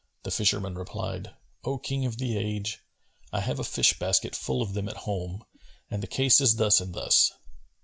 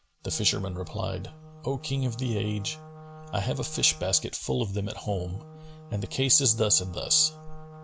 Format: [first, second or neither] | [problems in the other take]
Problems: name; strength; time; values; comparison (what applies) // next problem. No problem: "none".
first | background sound (Wind instrument, woodwind instrument); 17 dB below the speech